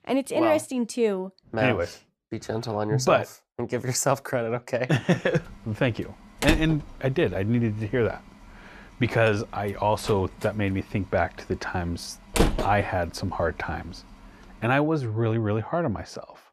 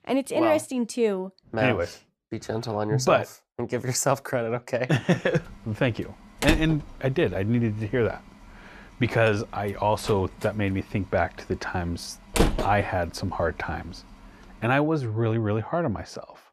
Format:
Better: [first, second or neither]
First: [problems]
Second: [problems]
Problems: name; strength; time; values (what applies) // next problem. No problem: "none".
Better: neither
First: door banging; loud; from 6.5 to 13 s; peak 1 dB above the speech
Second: door banging; loud; from 6.5 to 13 s; peak 1 dB above the speech